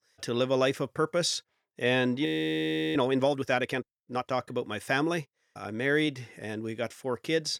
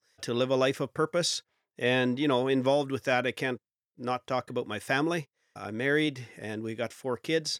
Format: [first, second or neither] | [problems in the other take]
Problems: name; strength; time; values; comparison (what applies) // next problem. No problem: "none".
second | audio freezing; at 2.5 s for 0.5 s